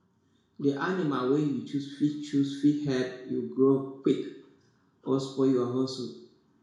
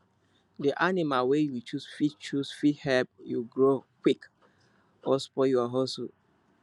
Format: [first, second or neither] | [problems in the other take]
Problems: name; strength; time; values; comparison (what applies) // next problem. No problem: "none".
second | room echo; dies away in 0.6 s